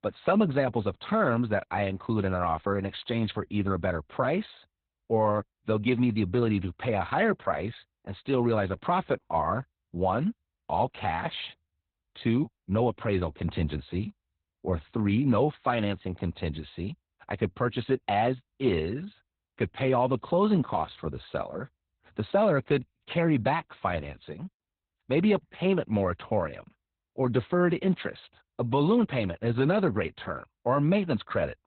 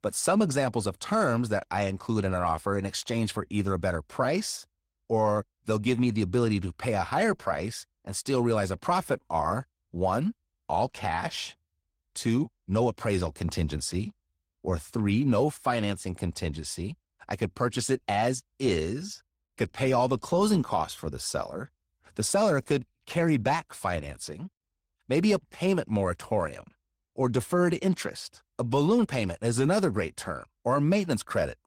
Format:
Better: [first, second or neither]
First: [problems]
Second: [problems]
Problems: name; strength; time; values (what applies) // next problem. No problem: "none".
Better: second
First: garbled, watery; badly; nothing above 4 kHz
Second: garbled, watery; slightly; nothing above 16.5 kHz